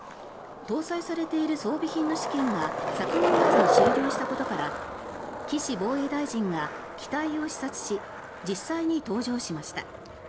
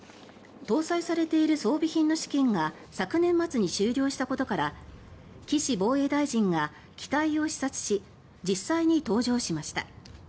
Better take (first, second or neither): second